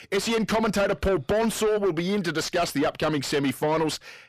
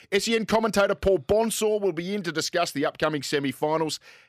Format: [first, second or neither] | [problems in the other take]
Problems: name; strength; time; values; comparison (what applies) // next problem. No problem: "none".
second | distortion; heavy; 7 dB below the speech